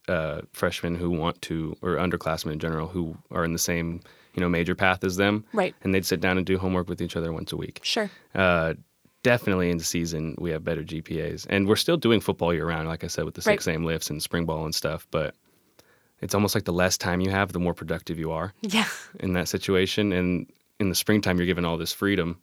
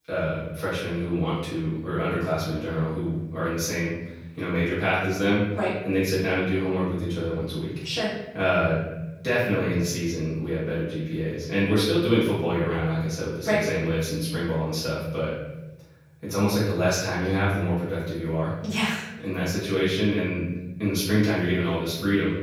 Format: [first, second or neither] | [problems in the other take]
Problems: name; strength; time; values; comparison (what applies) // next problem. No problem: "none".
first | off-mic speech; far // room echo; noticeable; dies away in 1.2 s